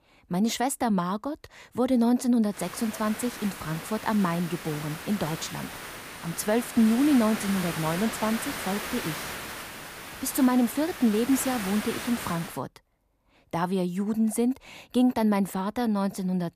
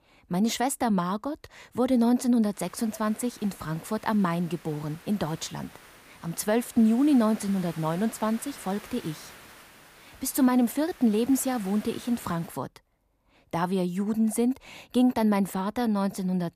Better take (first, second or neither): second